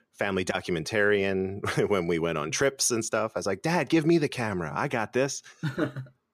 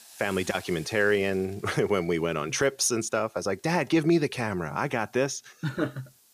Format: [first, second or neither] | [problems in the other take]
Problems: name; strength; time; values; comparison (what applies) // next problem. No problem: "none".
first | hiss; faint; throughout; 25 dB below the speech